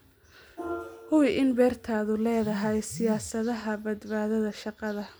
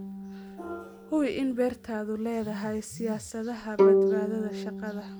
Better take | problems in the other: first | background sound (Bowed string instrument); 2 dB above the speech

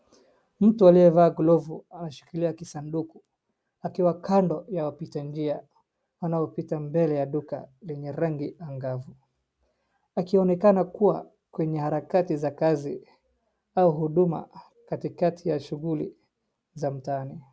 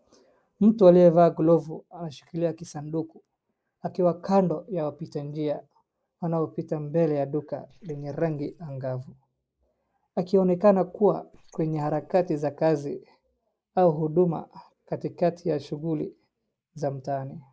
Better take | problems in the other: first | noise reduction (neural mask model Resemble Enhance denoiser)

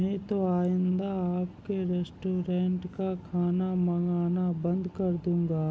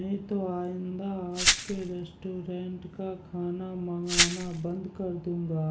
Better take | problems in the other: first | background sound (Glass); 4 dB above the speech // room echo; dies away in 0.4 s

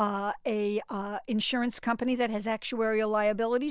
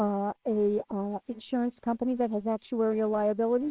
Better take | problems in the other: first | noise reduction (neural separator model SepFormer WHAMR!)

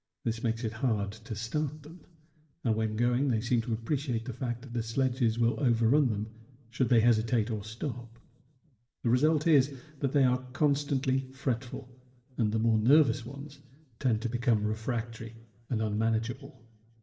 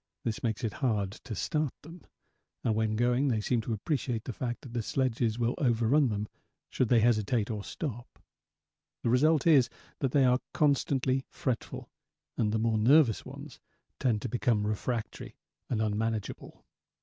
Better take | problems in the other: second | room echo; dies away in 1.6 s

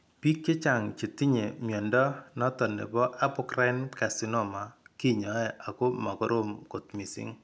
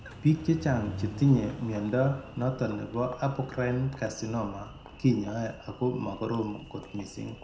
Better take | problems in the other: first | background sound (Engine); 15 dB below the speech // room echo; dies away in 0.5 s

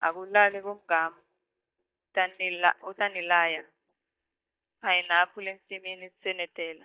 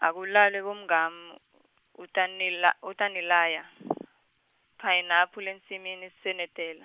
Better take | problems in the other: second | noise reduction (neural mask model DeepFilterNet 3)

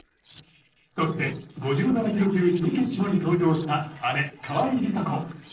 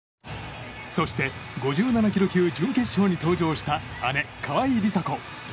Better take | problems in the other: second | noise reduction (neural separator model SepFormer DNS4)

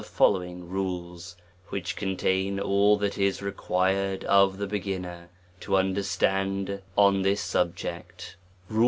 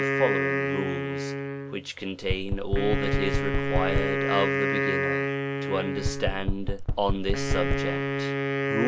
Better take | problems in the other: first | background sound (Knock + Wind instrument, woodwind instrument); 4 dB above the speech

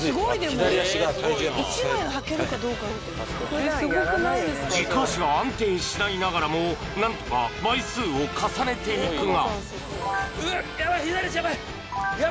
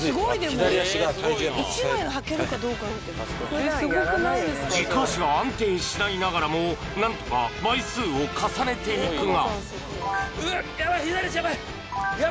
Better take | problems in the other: second | background sound (Hiss); 17 dB below the speech

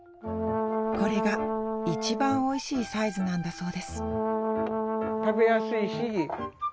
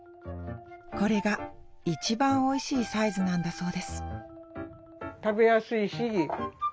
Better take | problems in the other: second | background sound (Brass instrument); as loud as the speech

